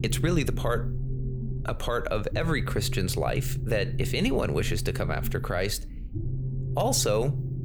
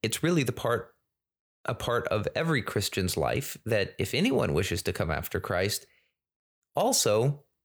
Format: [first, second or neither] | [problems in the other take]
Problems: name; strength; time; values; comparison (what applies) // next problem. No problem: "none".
second | low rumble; noticeable; throughout; 15 dB below the speech